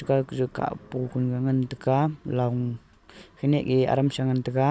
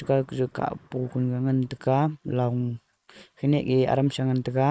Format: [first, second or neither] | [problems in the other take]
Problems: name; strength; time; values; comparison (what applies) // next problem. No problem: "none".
first | noise reduction (neural mask model Resemble Enhance denoiser)